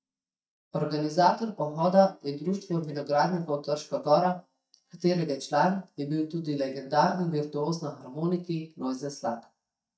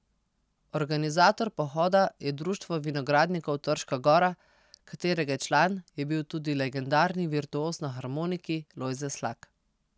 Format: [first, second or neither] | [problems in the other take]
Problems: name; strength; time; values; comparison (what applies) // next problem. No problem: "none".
second | noise reduction (neural mask model DeepFilterNet 3)